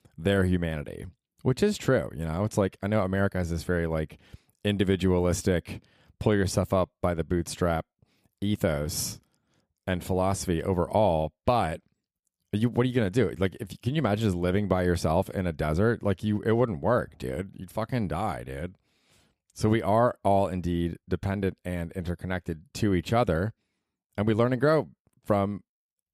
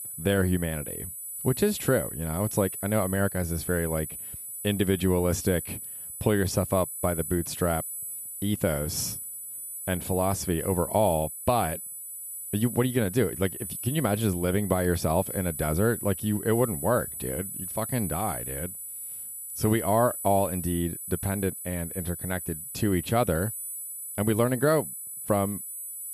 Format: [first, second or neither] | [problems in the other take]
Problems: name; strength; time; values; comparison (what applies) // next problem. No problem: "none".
first | high-pitched whine; loud; throughout; 10 kHz, 7 dB below the speech